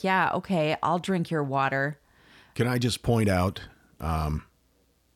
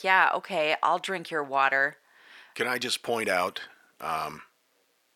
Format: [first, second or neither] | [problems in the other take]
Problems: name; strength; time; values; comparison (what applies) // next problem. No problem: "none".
first | thin; very; fading below 450 Hz